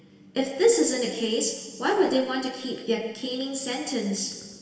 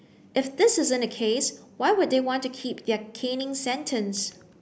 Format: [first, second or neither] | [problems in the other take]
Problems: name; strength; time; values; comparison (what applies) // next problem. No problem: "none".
second | room echo; dies away in 1.5 s